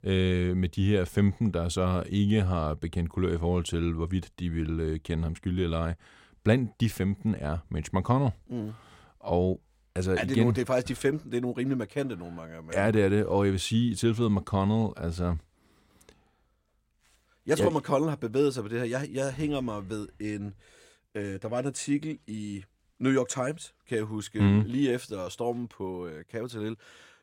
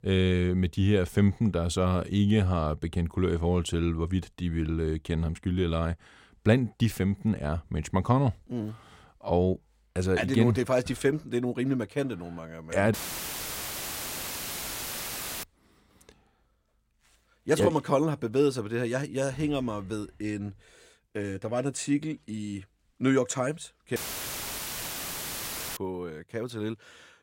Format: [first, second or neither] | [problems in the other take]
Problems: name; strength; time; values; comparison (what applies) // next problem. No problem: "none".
first | audio cutting out; filled with static; at 13 s for 2.5 s and at 24 s for 2 s